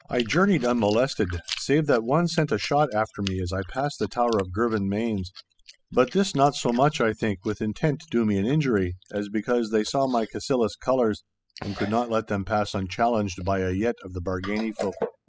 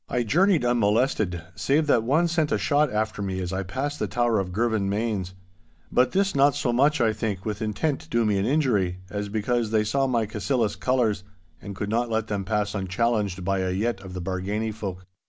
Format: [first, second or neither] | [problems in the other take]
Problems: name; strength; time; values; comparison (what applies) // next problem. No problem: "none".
second | noise reduction (classical method spectral subtraction)